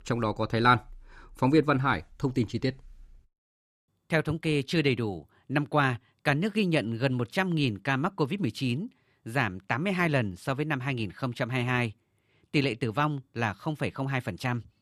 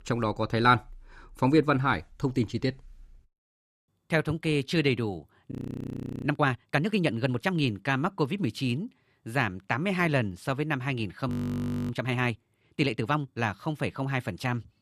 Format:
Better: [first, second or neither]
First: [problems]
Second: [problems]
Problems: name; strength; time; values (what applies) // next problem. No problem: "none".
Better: first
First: none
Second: audio freezing; at 5.5 s for 0.5 s and at 11 s for 0.5 s